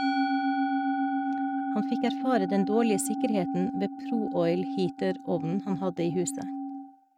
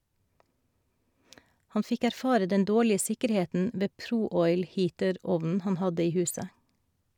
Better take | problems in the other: second | noise reduction (neural mask model RNNoise)

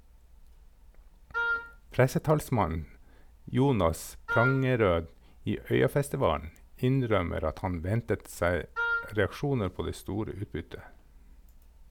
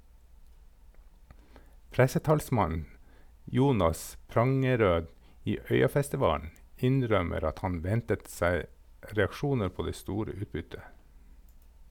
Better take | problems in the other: second | background sound (Wind instrument, woodwind instrument); 3 dB below the speech

